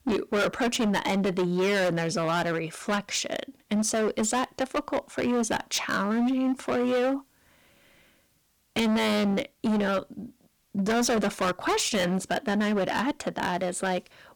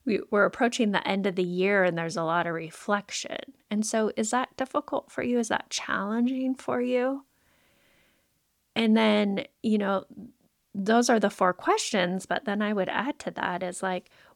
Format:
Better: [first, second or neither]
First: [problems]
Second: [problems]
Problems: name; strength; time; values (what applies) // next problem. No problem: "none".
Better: second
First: distortion; heavy; 18% of the sound clipped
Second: none